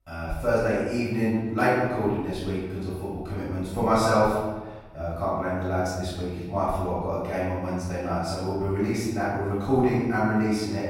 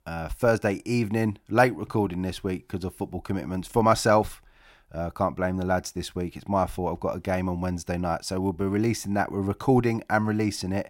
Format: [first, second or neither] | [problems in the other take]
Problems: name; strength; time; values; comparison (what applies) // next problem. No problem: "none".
second | off-mic speech; far // room echo; strong; dies away in 1.1 s